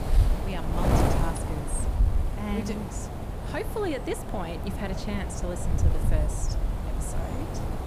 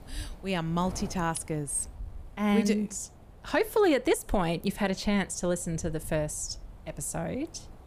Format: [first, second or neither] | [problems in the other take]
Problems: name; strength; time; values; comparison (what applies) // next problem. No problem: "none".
second | wind noise on the microphone; heavy; 1 dB above the speech; occasional gusts in the second